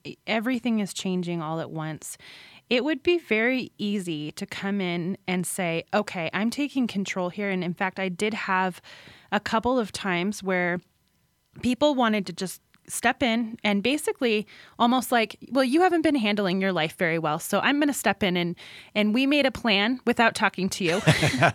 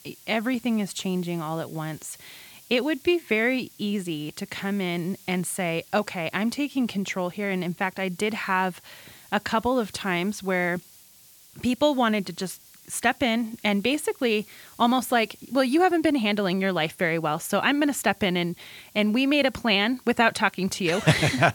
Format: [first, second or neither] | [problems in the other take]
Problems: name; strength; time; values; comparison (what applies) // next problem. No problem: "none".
first | hiss; faint; throughout; 25 dB below the speech